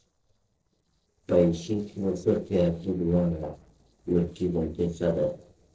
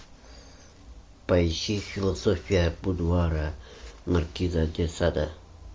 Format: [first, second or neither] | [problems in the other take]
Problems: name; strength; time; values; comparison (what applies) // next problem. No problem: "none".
second | noise reduction (neural separator model SepFormer DNS4)